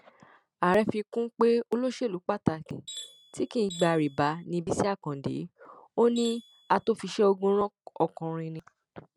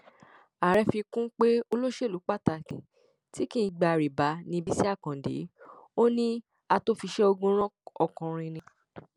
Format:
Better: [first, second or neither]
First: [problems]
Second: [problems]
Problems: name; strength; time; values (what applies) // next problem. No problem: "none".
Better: second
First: noise reduction (neural mask model RNNoise)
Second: none